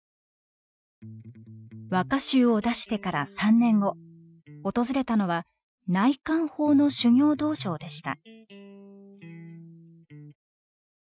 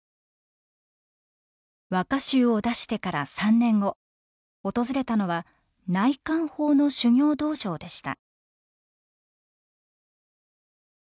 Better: second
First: noise reduction (classical method Wiener filter)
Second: none

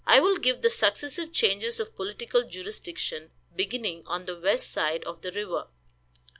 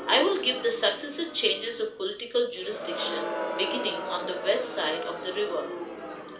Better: first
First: none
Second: background sound (Crowd); 6 dB below the speech // room echo; dies away in 0.4 s

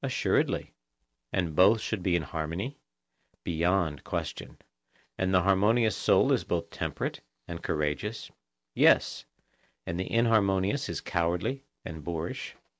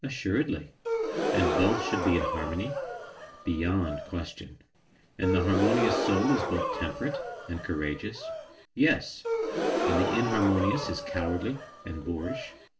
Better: first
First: none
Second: background sound (Gasp); 2 dB below the speech // room echo; dies away in 0.2 s

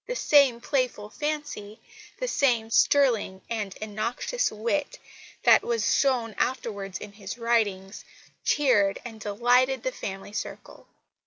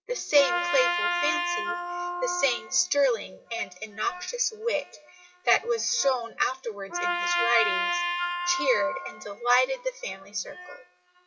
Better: first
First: none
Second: noise reduction (classical method WPE with log-MMSE)

